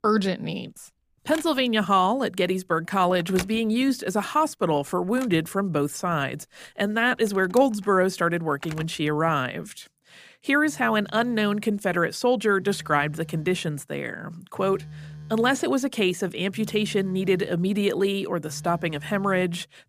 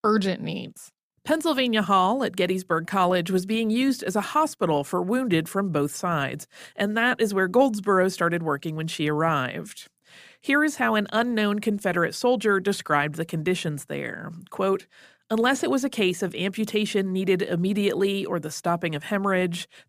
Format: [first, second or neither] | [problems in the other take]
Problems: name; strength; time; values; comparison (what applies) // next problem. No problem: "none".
second | alarms or sirens; noticeable; throughout; 20 dB below the speech